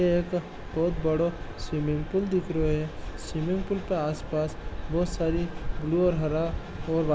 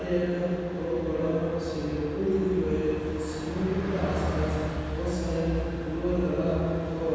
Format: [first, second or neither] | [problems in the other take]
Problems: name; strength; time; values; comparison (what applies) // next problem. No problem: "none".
first | background sound (Bus); 8 dB below the speech // room echo; dies away in 2.1 s